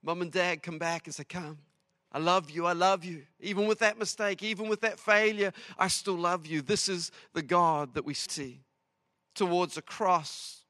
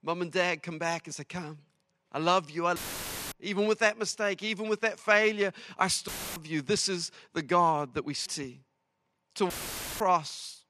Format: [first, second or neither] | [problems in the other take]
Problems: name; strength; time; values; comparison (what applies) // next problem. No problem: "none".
first | audio cutting out; filled with static; at 3 s for 0.5 s, at 6 s and at 9.5 s for 0.5 s